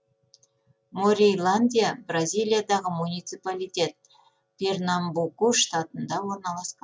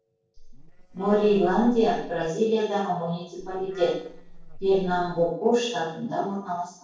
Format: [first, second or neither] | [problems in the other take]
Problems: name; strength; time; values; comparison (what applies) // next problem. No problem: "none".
first | noise reduction (neural separator model SepFormer DNS4)